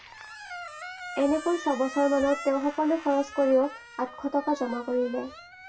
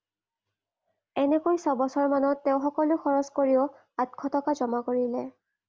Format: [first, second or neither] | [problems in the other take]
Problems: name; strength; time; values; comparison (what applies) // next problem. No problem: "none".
second | background sound (Squeak); 14 dB below the speech // room echo; dies away in 0.2 s